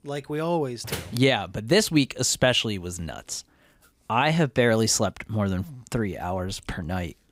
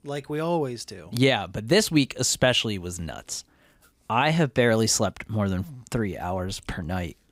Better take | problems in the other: second | door banging; noticeable; at 1 s; peak 9 dB below the speech

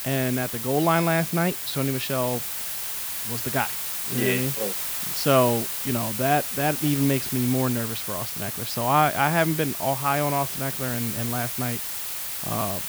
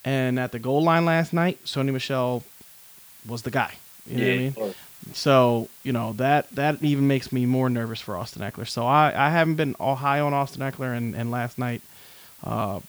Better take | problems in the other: second | hiss; loud; throughout; 3 dB below the speech; faint in the second

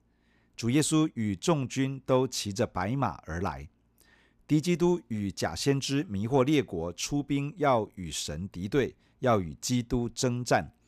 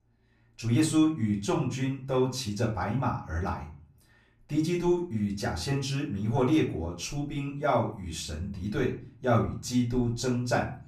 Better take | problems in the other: first | off-mic speech; far // room echo; slight; dies away in 0.4 s

